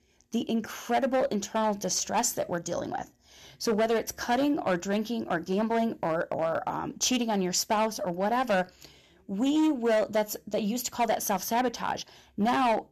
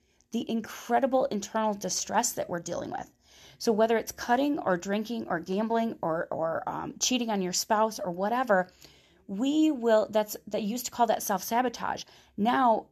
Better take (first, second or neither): second